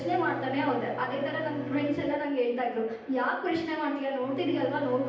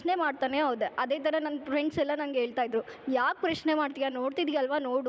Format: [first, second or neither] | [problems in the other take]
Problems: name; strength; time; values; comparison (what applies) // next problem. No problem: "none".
second | background sound (Bowed string instrument); 13 dB below the speech // room echo; dies away in 0.9 s